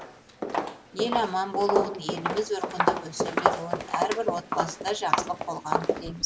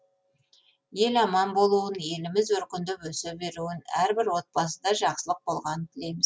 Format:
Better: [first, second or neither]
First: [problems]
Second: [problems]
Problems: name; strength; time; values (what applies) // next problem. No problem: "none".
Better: second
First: background sound (Walk, footsteps); 2 dB above the speech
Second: none